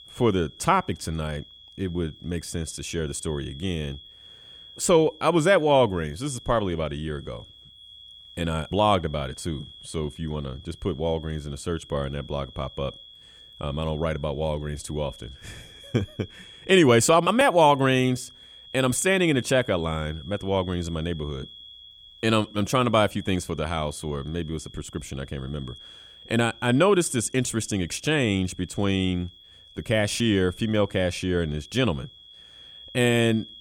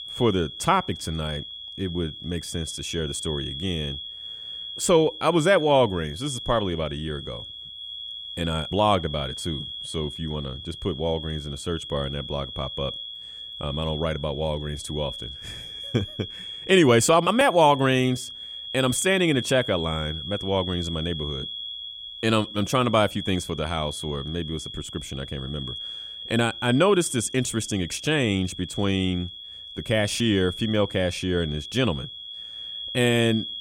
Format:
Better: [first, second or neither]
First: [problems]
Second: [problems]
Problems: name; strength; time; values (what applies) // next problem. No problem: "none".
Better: first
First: high-pitched whine; faint; throughout; 3.5 kHz, 20 dB below the speech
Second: high-pitched whine; loud; throughout; 3.5 kHz, 9 dB below the speech